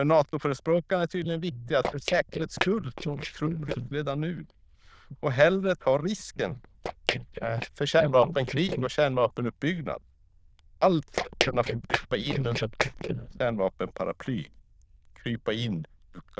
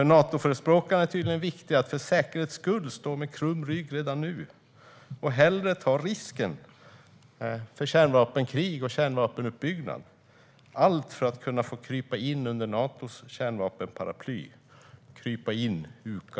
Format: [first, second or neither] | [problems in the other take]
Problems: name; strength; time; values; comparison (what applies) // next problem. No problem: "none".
second | noise reduction (neural diffusion model UNIVERSE++)